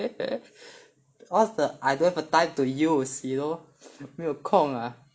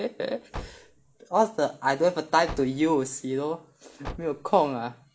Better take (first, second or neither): first